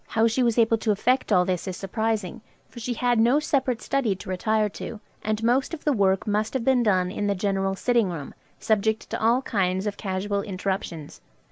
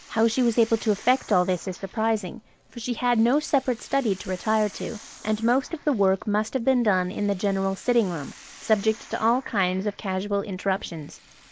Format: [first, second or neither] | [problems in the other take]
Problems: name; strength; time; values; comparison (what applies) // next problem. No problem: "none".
first | noise reduction (neural mask model Resemble Enhance denoiser)